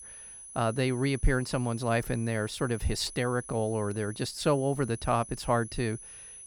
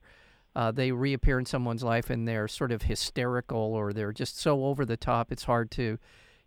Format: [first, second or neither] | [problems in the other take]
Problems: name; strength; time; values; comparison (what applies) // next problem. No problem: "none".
second | high-pitched whine; noticeable; throughout; 10 kHz, 15 dB below the speech